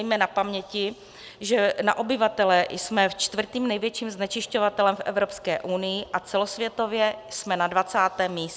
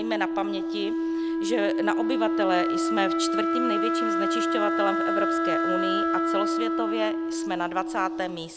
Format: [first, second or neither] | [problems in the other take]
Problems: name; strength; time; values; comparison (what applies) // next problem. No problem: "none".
first | background sound (Wind instrument, woodwind instrument); 4 dB above the speech